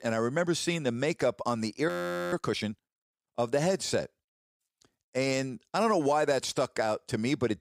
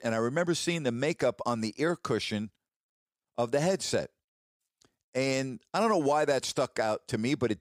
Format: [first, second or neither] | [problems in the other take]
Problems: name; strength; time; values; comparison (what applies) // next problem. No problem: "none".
second | audio freezing; at 2 s